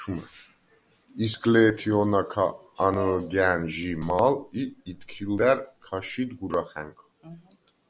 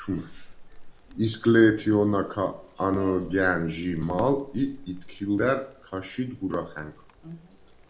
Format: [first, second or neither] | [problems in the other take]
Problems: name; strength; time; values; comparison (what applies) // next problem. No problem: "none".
first | background sound (Insect); 19 dB below the speech // room echo; dies away in 0.4 s